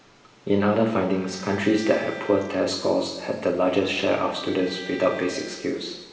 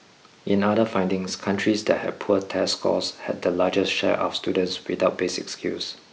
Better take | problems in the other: second | background sound (Bowed string instrument); 19 dB below the speech // room echo; dies away in 1.4 s

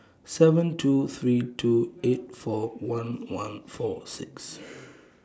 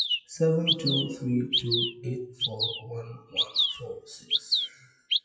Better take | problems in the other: first | noise reduction (classical method WPE with log-MMSE)

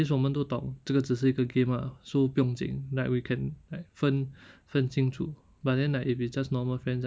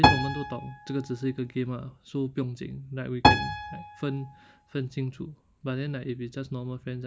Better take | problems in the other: first | background sound (Piano); 4 dB above the speech

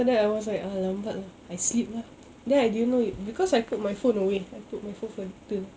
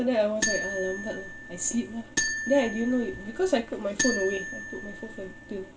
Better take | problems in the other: first | background sound (Marimba, xylophone); 5 dB below the speech // room echo; dies away in 0.2 s

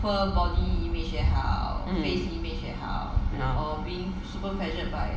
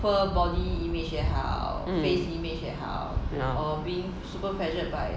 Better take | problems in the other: second | room echo; dies away in 1.7 s

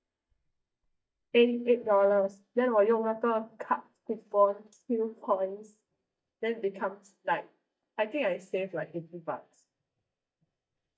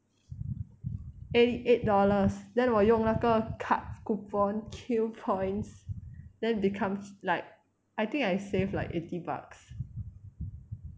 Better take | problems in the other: second | noise reduction (neural mask model DeepFilterNet 3)

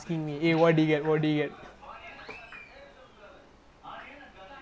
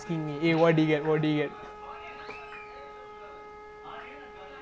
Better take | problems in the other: first | background sound (Wind instrument, woodwind instrument); 16 dB below the speech

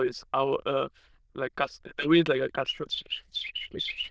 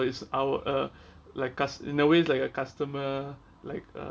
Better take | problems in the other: second | noise reduction (neural diffusion model UNIVERSE++)

